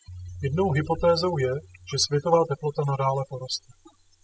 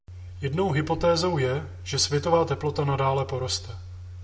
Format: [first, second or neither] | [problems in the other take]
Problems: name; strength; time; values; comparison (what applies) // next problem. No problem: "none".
second | noise reduction (classical method spectral subtraction)